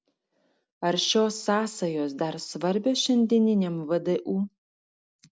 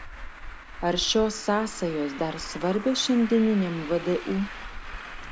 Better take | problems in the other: first | background sound (Traffic noise, roadway noise); 12 dB below the speech

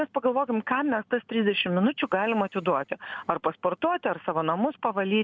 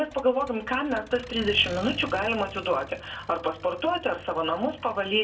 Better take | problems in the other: first | background sound (Accelerating, revving, vroom); 17 dB below the speech // room echo; dies away in 0.2 s

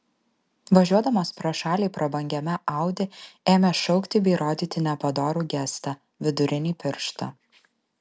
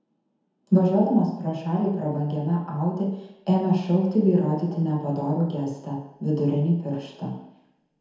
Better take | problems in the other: first | room echo; dies away in 1 s

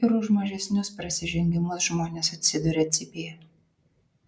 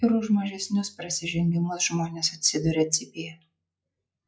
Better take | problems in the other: first | noise reduction (classical method log-MMSE)

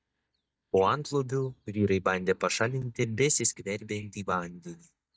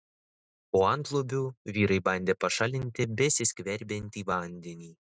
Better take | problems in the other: second | noise reduction (neural mask model DeepFilterNet 3)

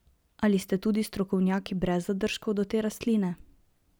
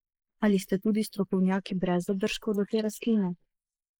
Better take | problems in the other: first | noise reduction (neural mask model Resemble Enhance denoiser)

